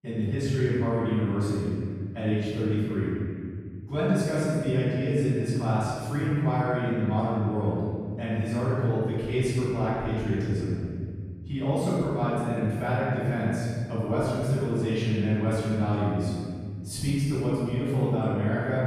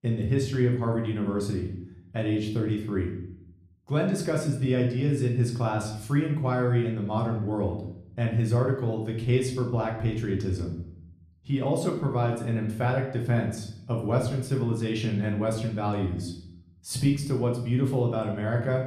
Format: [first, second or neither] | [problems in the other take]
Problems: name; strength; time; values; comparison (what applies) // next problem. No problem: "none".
second | room echo; strong; dies away in 2.1 s; slight in the second // off-mic speech; far; somewhat distant in the second